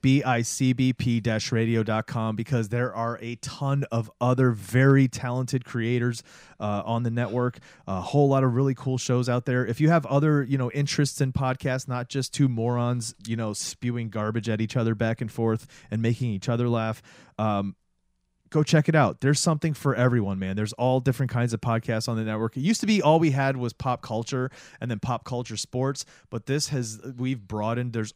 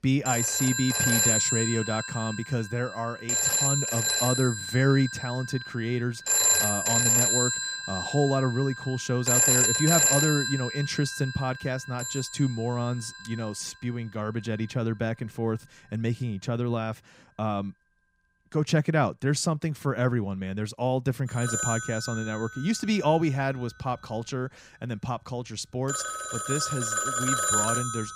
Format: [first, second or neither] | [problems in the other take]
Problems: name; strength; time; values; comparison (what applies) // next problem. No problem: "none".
first | alarms or sirens; very loud; throughout; 4 dB above the speech